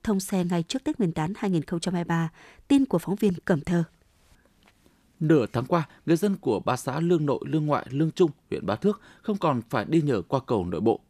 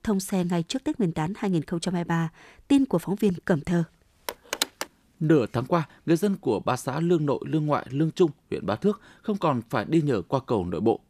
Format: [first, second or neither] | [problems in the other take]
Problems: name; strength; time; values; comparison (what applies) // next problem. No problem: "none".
first | phone ringing; noticeable; at 4.5 s; peak 2 dB below the speech